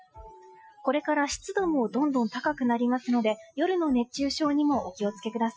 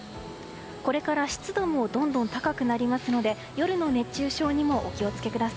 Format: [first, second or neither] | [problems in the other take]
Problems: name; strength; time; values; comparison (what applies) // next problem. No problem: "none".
second | noise reduction (classical method Wiener filter)